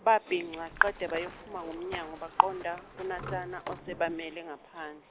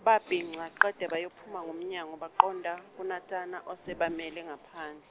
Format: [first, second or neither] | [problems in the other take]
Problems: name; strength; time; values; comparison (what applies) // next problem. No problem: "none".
second | background sound (Run + Sliding door); 15 dB below the speech